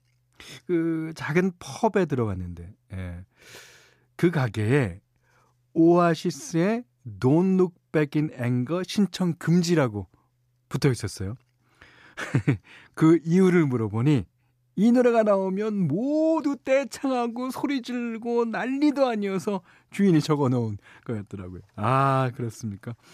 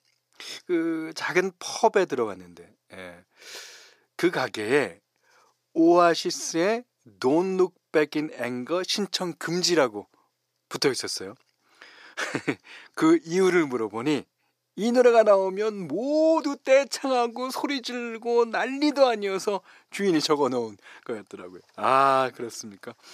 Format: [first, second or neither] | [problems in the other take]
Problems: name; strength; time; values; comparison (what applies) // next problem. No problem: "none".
first | thin; somewhat; fading below 450 Hz